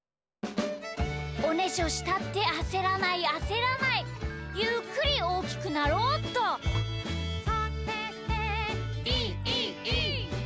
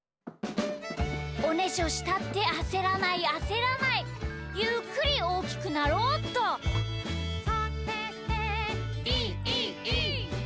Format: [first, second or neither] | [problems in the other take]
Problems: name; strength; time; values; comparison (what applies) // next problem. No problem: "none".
first | background sound (Knock / Wood); 16 dB below the speech